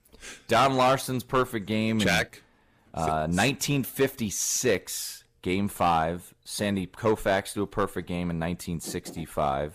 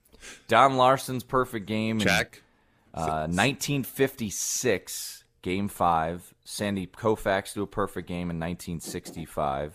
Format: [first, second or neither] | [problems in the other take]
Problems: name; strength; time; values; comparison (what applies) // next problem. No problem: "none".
second | distortion; slight; 3% of the sound clipped